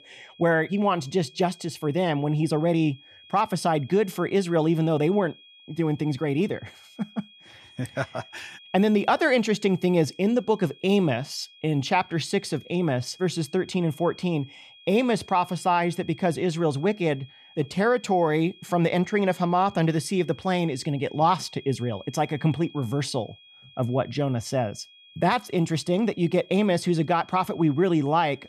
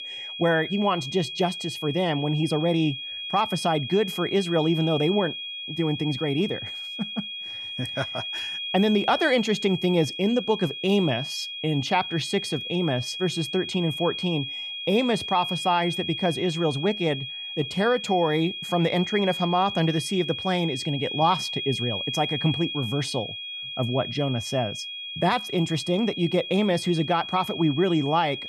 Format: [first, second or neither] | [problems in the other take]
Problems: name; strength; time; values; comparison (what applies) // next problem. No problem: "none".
first | high-pitched whine; loud; throughout; 3.5 kHz, 6 dB below the speech; faint in the first